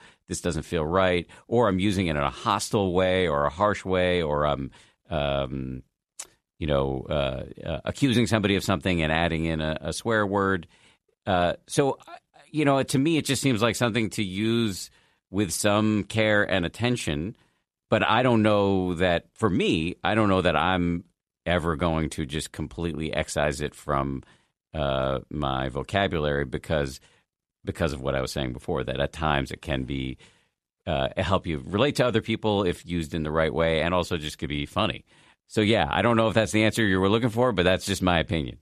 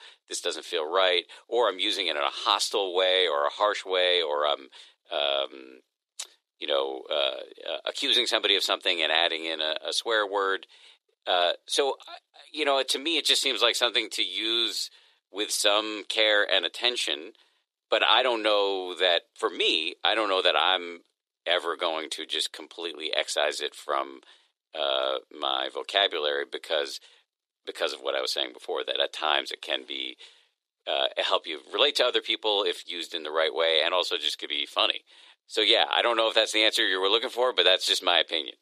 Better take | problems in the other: first | thin; very; fading below 350 Hz

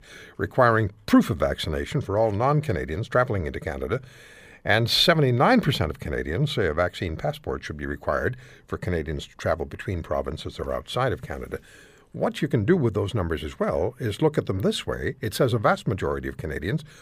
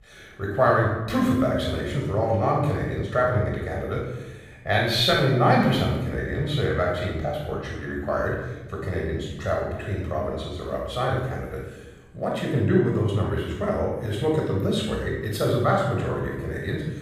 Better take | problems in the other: first | off-mic speech; far // room echo; noticeable; dies away in 0.9 s

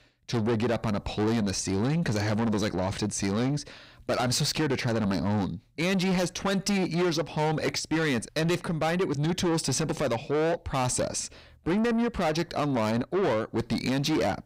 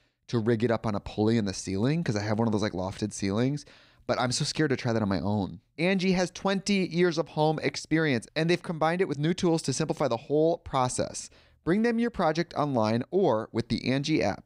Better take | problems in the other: second | distortion; heavy; 7 dB below the speech

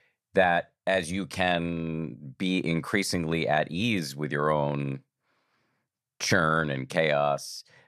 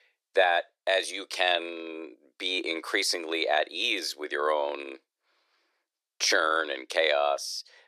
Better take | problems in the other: first | thin; very; fading below 350 Hz

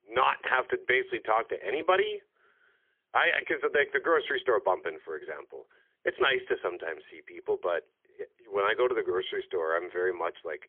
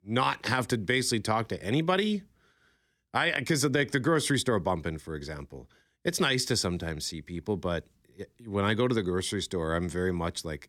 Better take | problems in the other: second | phone-call audio; poor line; nothing above 3.5 kHz

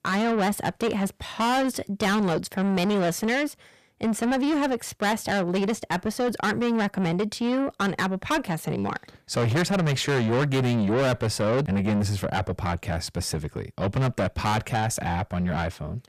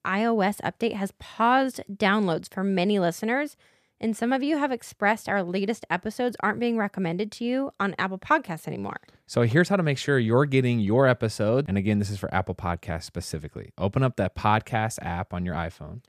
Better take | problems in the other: second | distortion; heavy; 6 dB below the speech

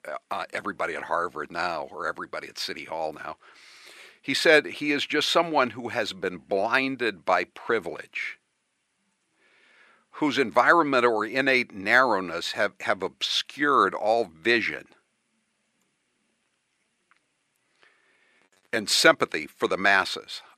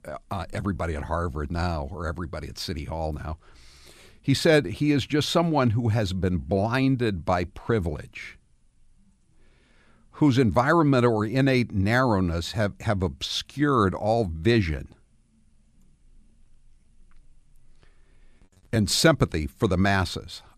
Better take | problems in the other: second | thin; somewhat; fading below 400 Hz

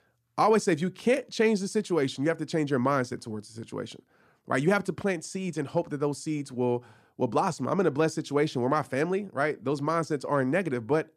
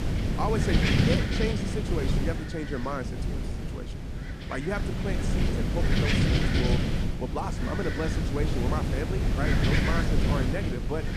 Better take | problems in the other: first | wind noise on the microphone; heavy; 2 dB above the speech

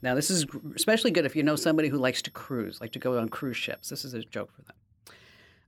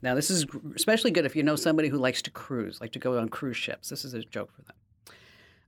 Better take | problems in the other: second | high-pitched whine; faint; until 4 s; 11.5 kHz, 30 dB below the speech

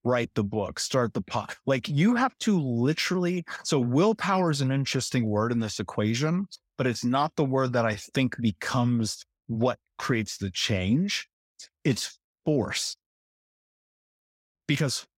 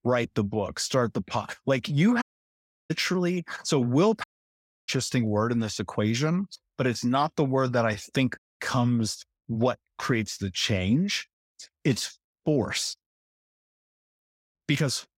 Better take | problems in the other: first | audio cutting out; at 2 s for 0.5 s, at 4 s for 0.5 s and at 8.5 s

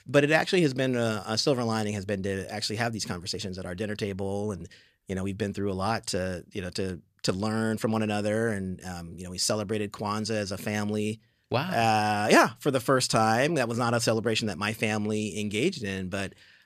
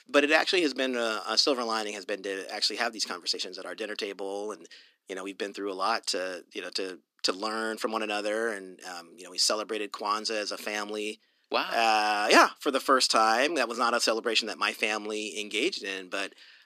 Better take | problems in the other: first | thin; somewhat; fading below 250 Hz

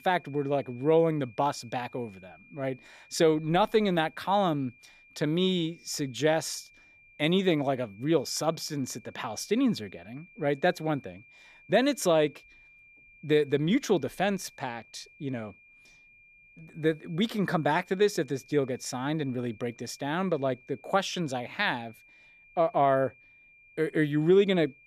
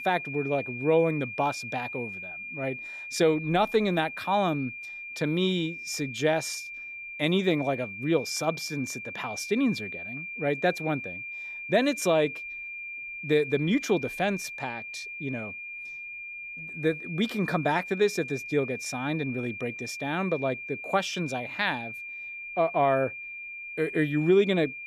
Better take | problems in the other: first | high-pitched whine; loud; throughout; 2.5 kHz, 8 dB below the speech; faint in the first

